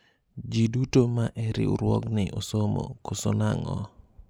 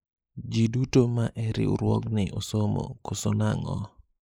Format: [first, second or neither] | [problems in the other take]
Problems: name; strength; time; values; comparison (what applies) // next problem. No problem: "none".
first | noise reduction (neural mask model Resemble Enhance denoiser)